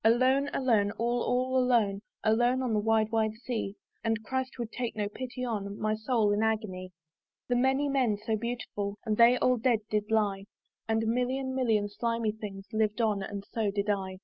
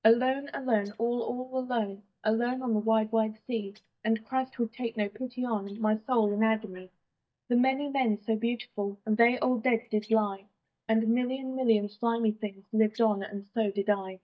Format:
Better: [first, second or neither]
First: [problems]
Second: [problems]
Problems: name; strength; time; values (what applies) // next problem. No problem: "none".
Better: first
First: none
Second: noise reduction (neural mask model DeepFilterNet 3)